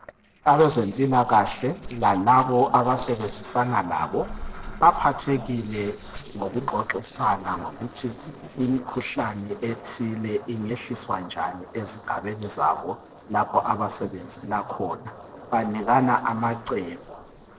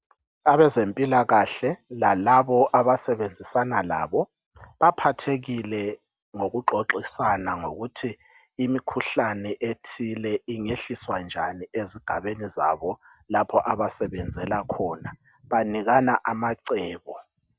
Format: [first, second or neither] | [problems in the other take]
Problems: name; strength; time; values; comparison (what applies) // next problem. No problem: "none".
second | noise reduction (neural separator model SepFormer DNS4)